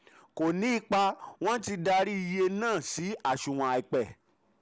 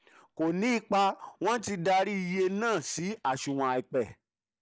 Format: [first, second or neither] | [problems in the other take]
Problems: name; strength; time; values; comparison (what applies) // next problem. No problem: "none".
first | noise reduction (neural mask model DeepFilterNet 3)